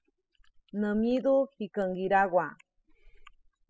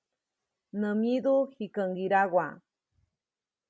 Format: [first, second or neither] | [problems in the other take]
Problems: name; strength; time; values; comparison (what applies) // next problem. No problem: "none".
second | noise reduction (classical method spectral subtraction)